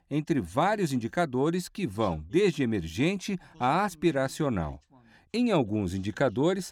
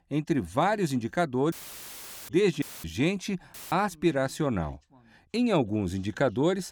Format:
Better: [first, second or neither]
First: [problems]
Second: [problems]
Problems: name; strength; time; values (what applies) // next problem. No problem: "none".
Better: first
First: none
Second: audio cutting out; filled with static; at 1.5 s for 1 s, at 2.5 s and at 3.5 s